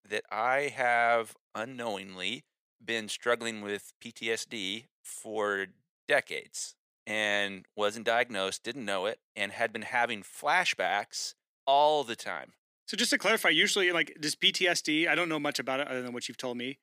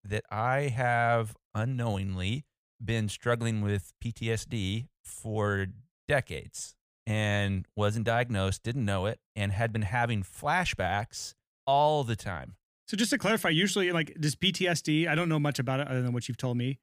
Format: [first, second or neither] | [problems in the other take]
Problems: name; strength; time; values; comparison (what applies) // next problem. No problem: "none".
second | thin; somewhat; fading below 300 Hz